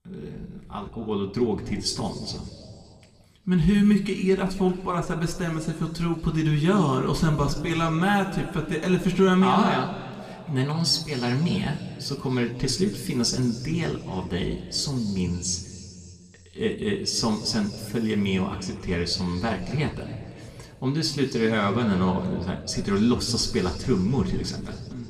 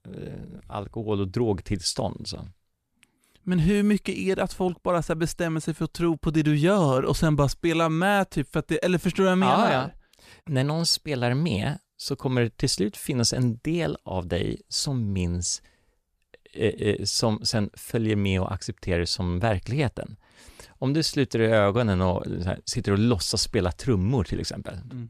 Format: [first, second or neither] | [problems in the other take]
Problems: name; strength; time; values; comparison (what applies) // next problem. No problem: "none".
second | room echo; slight; dies away in 2.3 s // off-mic speech; somewhat distant